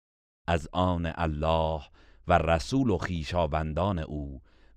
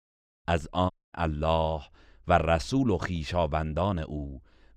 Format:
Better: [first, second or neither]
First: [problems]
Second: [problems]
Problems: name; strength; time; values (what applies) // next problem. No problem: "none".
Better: first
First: none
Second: audio cutting out; at 1 s